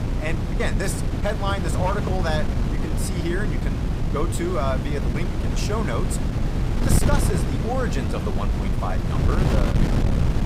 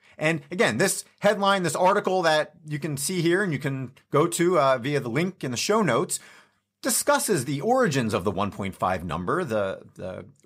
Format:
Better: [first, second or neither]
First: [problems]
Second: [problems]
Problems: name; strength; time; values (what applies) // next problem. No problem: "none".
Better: second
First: wind noise on the microphone; heavy; 3 dB below the speech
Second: none